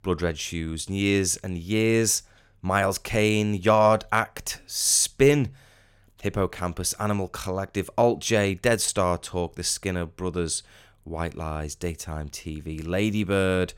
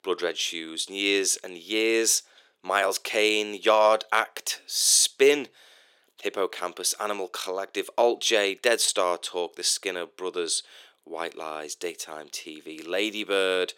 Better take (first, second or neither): first